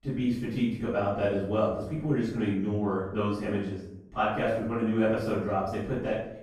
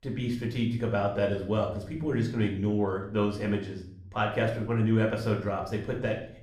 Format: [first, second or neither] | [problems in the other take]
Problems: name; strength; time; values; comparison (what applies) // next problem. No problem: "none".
second | room echo; strong; dies away in 0.7 s; slight in the second // off-mic speech; far; somewhat distant in the second